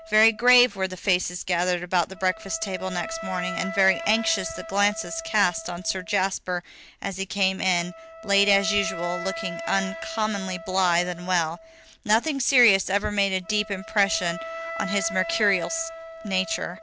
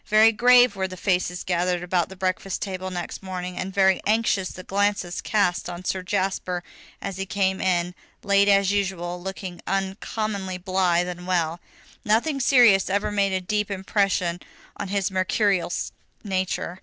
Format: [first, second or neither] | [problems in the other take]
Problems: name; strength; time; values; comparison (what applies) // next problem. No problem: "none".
second | background sound (Wind instrument, woodwind instrument); 12 dB below the speech